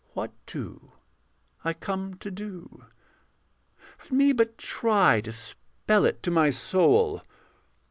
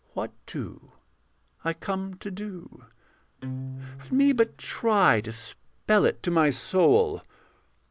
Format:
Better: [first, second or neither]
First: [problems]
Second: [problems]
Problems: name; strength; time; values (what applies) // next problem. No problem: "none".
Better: first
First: none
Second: background sound (Acoustic guitar); 13 dB below the speech